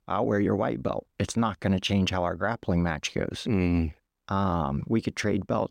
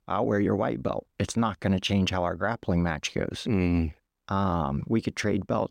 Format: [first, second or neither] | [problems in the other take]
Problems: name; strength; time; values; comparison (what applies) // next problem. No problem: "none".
neither | none